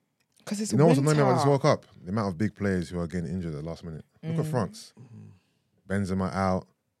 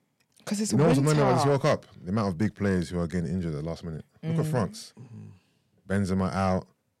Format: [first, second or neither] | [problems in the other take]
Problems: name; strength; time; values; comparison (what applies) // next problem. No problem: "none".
first | distortion; slight; 10 dB below the speech